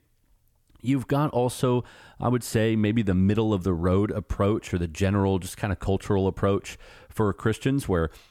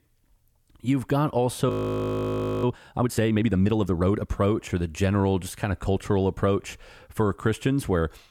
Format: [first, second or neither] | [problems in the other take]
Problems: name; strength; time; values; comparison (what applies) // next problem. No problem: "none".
first | audio freezing; at 1.5 s for 1 s